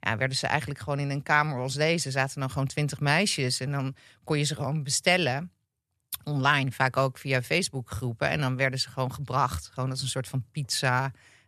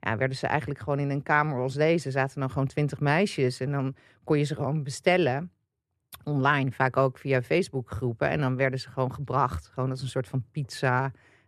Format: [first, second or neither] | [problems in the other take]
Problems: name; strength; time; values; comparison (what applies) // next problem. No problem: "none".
first | muffled; slightly; fading above 3 kHz